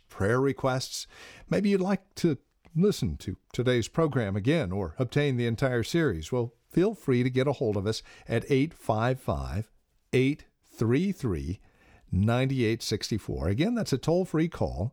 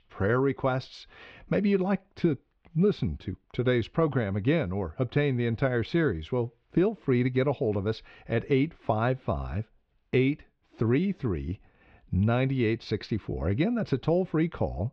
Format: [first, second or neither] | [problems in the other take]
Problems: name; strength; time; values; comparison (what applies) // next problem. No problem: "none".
first | muffled; slightly; fading above 3.5 kHz